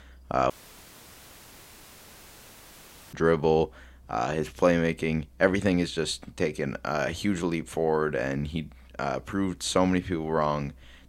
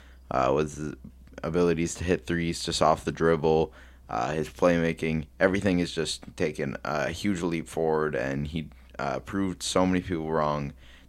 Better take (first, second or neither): second